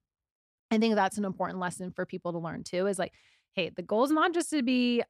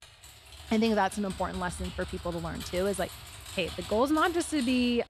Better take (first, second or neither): first